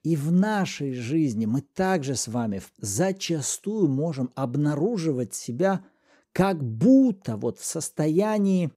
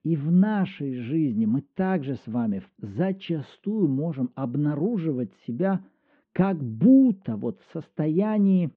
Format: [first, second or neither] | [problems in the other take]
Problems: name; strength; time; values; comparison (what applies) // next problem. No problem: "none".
first | muffled; very; fading above 3 kHz